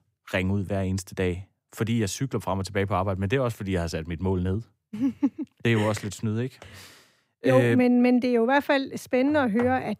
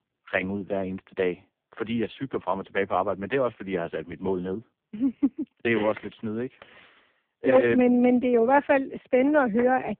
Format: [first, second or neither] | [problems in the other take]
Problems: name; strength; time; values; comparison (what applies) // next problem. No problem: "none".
first | phone-call audio; poor line